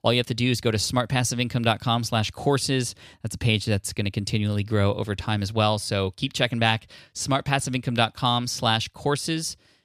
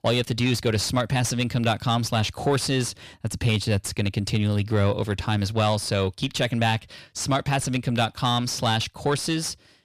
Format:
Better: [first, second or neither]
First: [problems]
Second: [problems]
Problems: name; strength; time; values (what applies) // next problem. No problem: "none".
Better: first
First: none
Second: distortion; slight; 10 dB below the speech